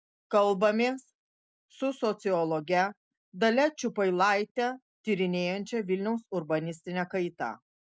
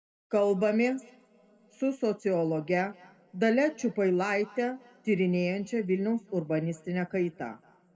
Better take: first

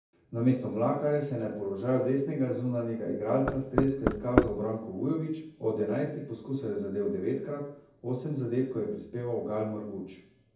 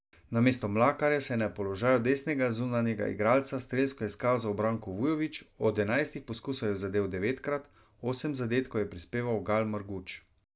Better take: second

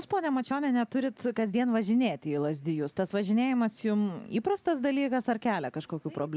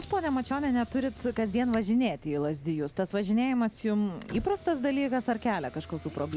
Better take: first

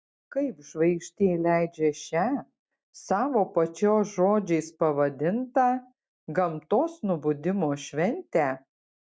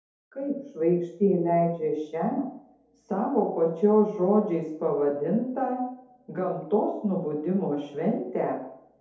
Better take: first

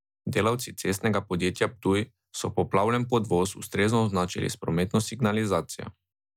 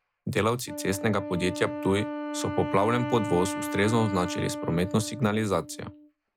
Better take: first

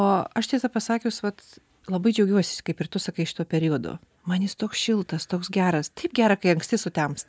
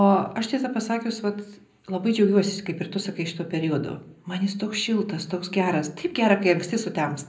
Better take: first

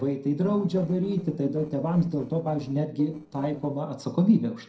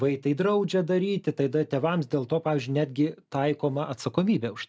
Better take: second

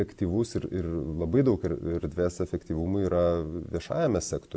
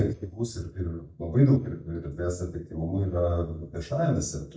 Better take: first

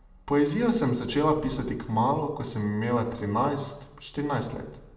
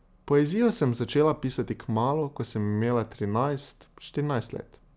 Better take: second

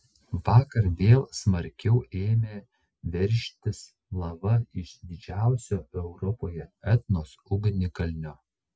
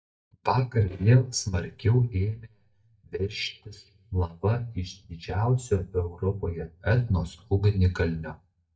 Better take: first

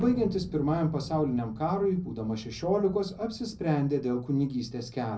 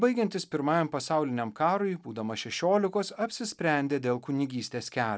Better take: second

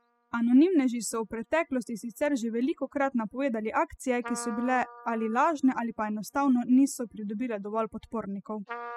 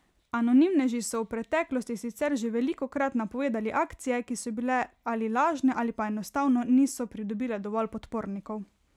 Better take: second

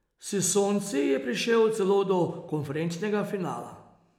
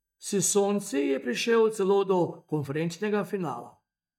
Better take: first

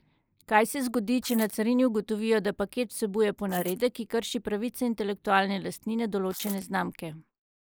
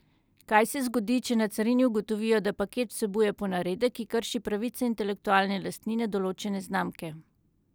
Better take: second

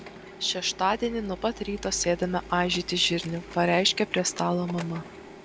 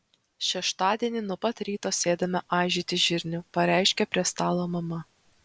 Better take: second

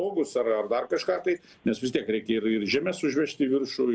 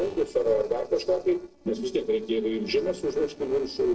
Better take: first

